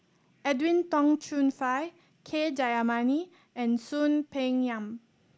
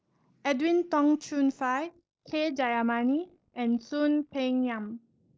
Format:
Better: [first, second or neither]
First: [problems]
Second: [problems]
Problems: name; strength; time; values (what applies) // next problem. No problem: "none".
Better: first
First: none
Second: noise reduction (neural mask model Resemble Enhance denoiser)